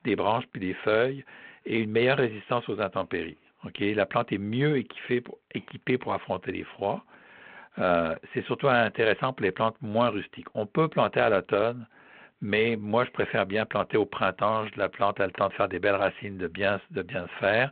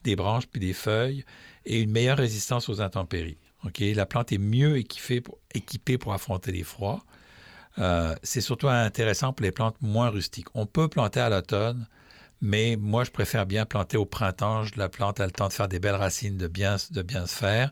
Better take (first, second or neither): second